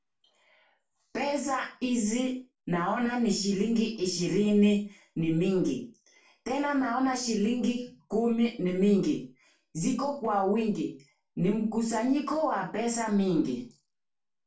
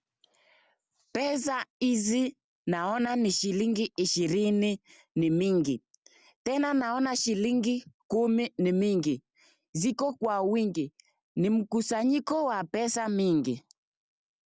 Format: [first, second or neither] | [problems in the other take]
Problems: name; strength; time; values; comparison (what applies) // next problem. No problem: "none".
second | room echo; dies away in 0.3 s